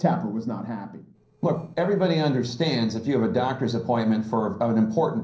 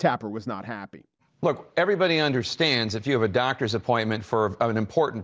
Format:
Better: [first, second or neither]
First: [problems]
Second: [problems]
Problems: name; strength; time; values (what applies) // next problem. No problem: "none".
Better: second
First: noise reduction (neural separator model SepFormer DNS4)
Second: none